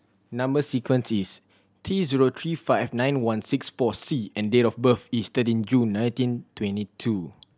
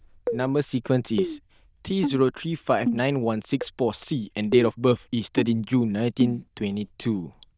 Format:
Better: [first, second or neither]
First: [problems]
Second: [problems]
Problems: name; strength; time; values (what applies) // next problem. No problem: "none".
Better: first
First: none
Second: noise reduction (neural diffusion model UNIVERSE++)